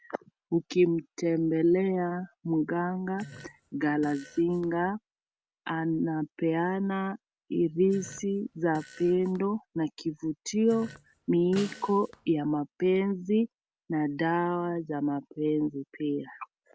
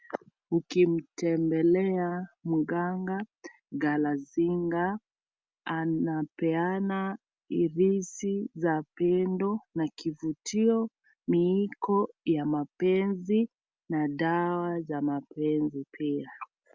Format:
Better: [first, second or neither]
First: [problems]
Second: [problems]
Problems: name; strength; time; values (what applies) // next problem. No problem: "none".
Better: second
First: background sound (Snare drum + Fart); 20 dB below the speech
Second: none